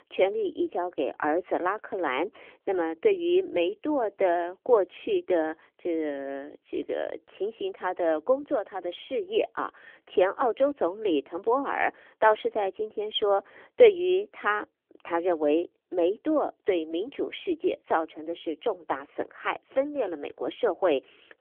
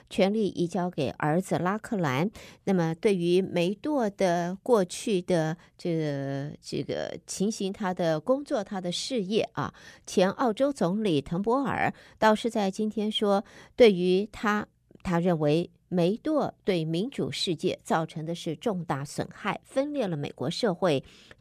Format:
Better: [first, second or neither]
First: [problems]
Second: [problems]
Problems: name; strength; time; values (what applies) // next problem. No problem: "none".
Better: second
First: phone-call audio; nothing above 3.5 kHz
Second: none